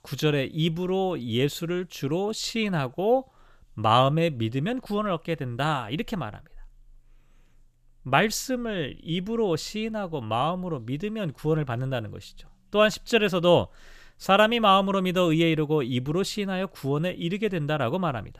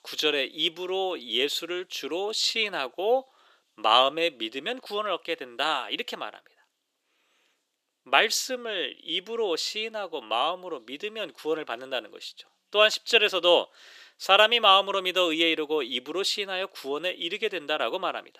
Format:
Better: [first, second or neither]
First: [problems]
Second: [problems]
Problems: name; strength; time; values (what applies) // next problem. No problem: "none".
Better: first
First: none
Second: thin; very; fading below 350 Hz